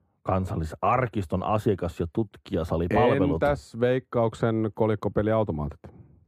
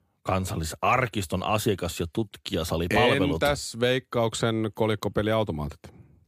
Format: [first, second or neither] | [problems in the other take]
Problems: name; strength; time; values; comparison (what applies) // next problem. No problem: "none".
second | muffled; very; fading above 2 kHz